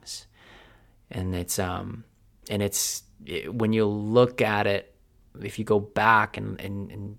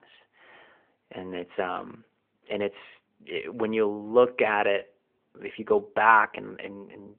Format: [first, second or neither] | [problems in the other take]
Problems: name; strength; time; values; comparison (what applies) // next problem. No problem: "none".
first | phone-call audio